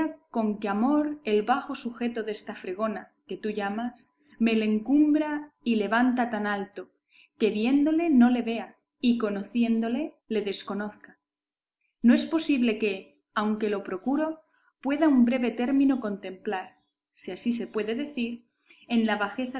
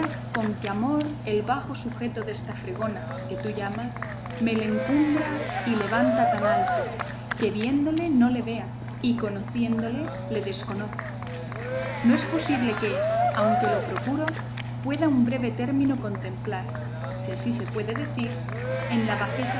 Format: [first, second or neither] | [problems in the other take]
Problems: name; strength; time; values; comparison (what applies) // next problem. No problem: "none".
first | background sound (Engine + Cheering); 2 dB below the speech